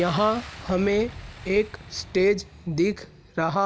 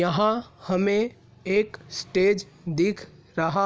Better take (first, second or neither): second